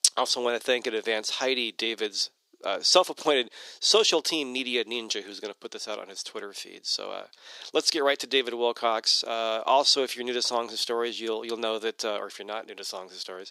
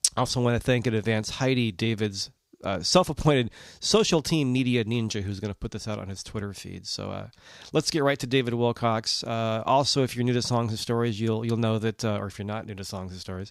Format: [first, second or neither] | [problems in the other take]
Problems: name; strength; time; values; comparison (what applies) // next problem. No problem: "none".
second | thin; very; fading below 350 Hz